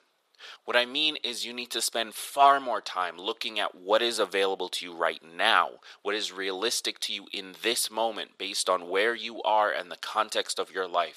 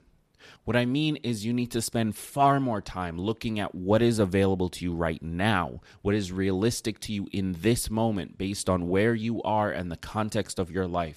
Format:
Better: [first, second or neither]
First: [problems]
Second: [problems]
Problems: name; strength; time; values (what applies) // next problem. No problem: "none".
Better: second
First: thin; very; fading below 500 Hz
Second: none